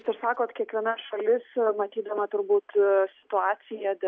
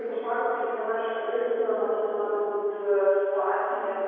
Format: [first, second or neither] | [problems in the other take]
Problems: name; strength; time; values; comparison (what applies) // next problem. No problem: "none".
first | room echo; dies away in 2.2 s